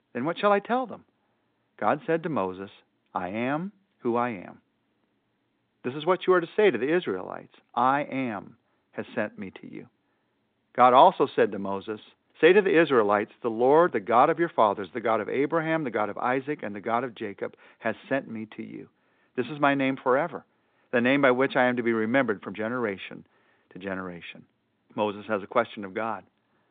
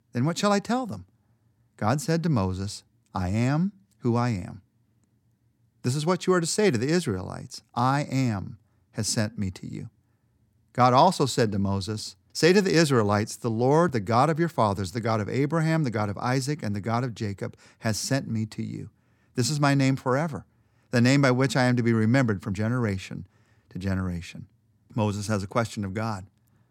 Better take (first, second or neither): second